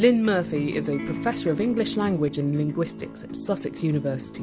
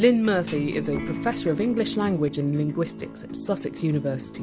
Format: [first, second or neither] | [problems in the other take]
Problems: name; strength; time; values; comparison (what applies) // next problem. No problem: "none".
first | background sound (Thump, thud); 16 dB below the speech